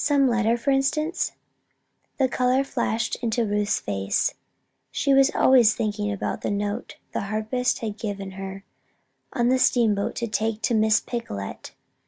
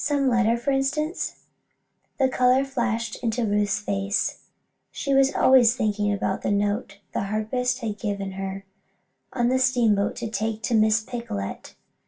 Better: first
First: none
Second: room echo; dies away in 0.2 s

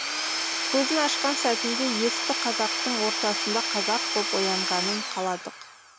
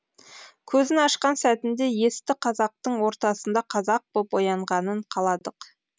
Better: second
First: background sound (Tools / Domestic sounds, home sounds); 1 dB above the speech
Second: none

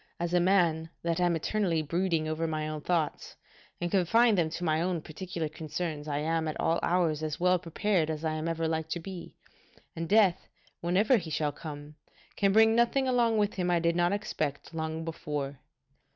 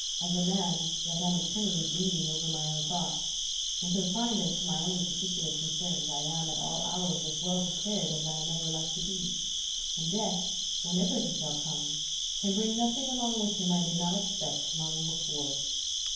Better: first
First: none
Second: background sound (Cricket); 2 dB above the speech // room echo; dies away in 0.9 s

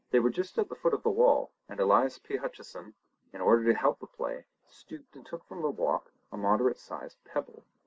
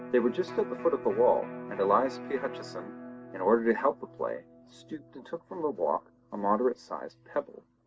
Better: first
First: none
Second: background sound (Electric guitar); 14 dB below the speech

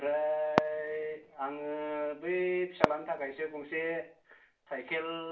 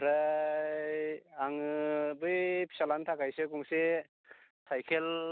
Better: second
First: background sound (Fireworks); 4 dB below the speech // room echo; dies away in 0.4 s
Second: none

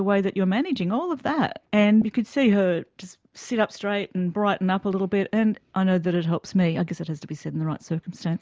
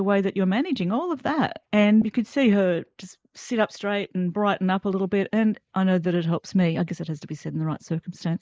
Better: first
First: none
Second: noise reduction (neural mask model Resemble Enhance denoiser)

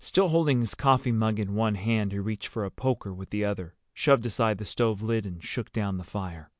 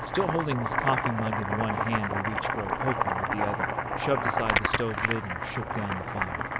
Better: first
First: none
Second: background sound (Boiling); 3 dB above the speech

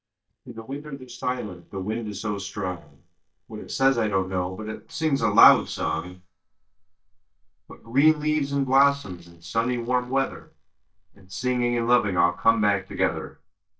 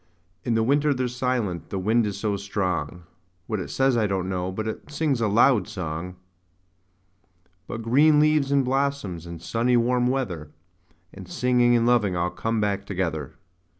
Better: second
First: noise reduction (neural mask model DeepFilterNet 3)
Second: none

